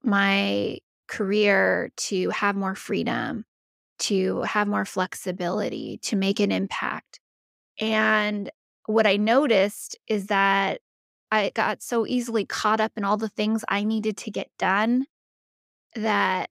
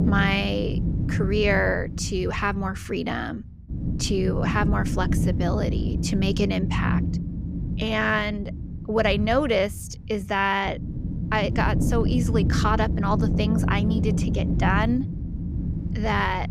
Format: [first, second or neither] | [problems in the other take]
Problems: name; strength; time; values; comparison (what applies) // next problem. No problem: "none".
first | wind noise on the microphone; occasional gusts; 10 dB below the speech